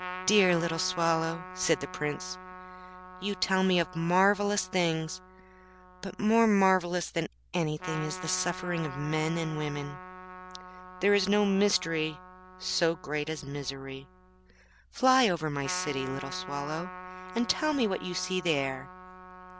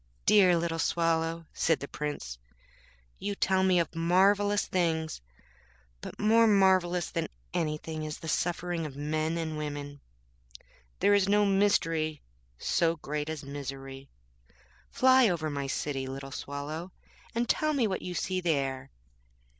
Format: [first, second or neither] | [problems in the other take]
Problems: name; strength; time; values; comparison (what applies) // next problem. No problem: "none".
second | background sound (Trumpet); 14 dB below the speech